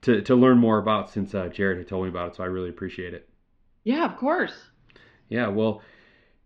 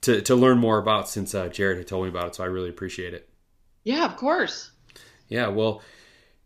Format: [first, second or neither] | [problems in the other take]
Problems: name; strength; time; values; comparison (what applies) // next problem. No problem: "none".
second | muffled; slightly; fading above 3 kHz